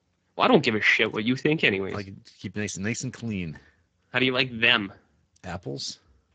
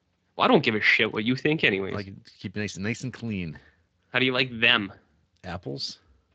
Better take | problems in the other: second | garbled, watery; badly; nothing above 7.5 kHz; slightly in the second

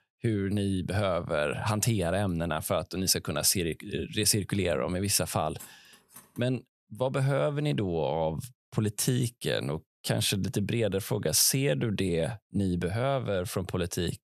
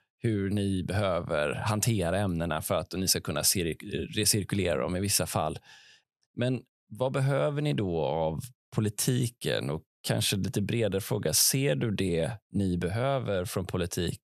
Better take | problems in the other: second | clattering dishes; faint; at 5.5 s; peak 20 dB below the speech

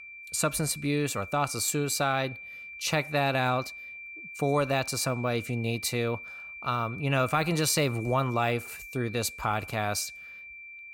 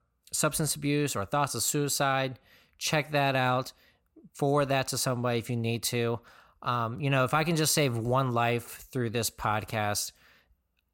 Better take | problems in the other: second | high-pitched whine; noticeable; throughout; 2.5 kHz, 10 dB below the speech

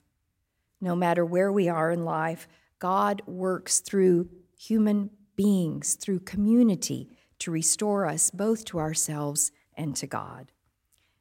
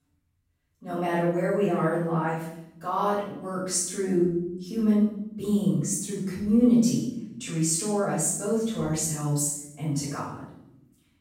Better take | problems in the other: first | off-mic speech; far // room echo; strong; dies away in 0.7 s

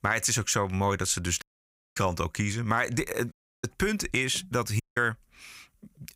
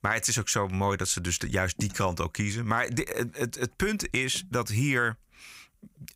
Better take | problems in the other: second | audio cutting out; at 1.5 s for 0.5 s, at 3.5 s and at 5 s

